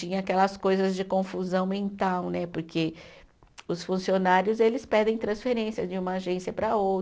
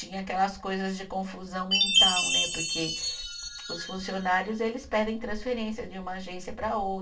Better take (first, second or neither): first